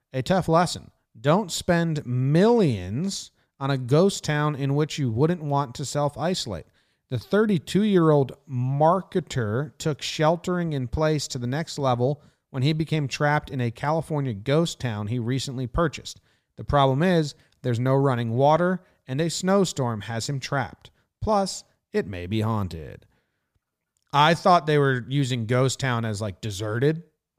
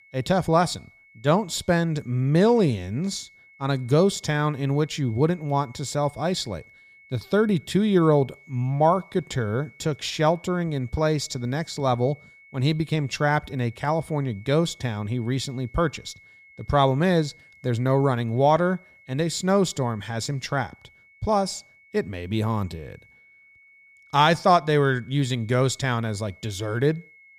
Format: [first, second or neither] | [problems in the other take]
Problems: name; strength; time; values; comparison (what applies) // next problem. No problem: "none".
first | high-pitched whine; faint; throughout; 2 kHz, 25 dB below the speech